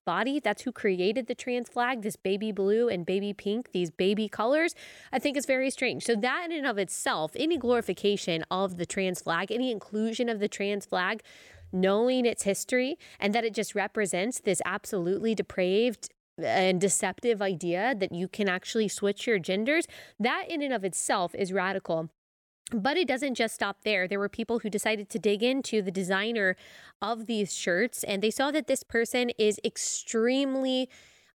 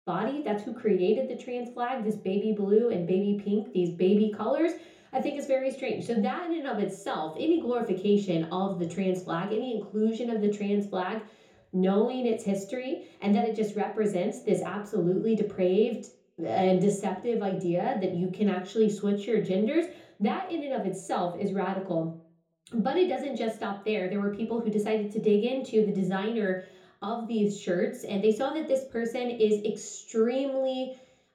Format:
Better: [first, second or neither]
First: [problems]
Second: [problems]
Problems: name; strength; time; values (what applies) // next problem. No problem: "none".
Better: first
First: none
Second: room echo; slight; dies away in 0.6 s // off-mic speech; far